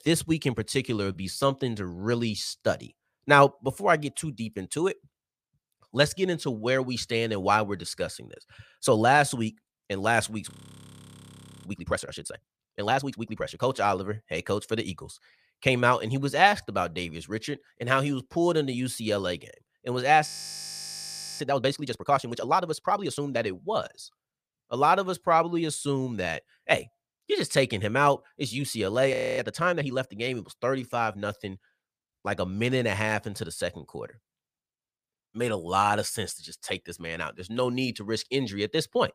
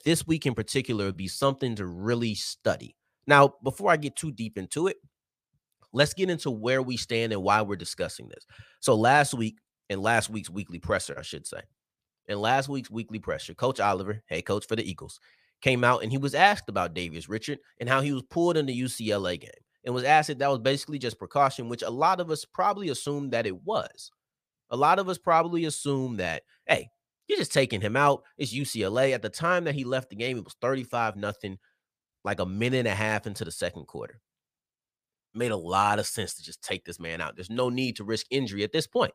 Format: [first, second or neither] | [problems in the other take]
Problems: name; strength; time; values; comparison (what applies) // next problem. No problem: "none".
second | audio freezing; at 11 s for 1 s, at 20 s for 1 s and at 29 s